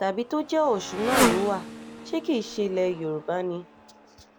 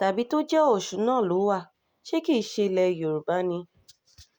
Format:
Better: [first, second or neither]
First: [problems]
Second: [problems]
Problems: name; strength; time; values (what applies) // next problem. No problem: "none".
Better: second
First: background sound (Motorcycle); 4 dB below the speech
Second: none